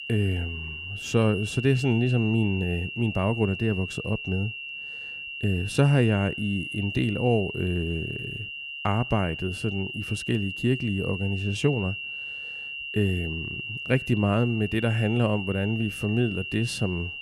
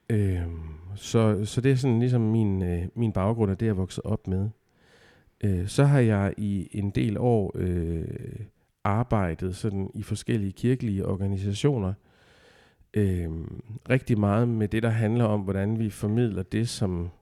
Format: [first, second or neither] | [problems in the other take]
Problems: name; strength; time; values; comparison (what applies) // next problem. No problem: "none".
second | high-pitched whine; loud; throughout; 3 kHz, 7 dB below the speech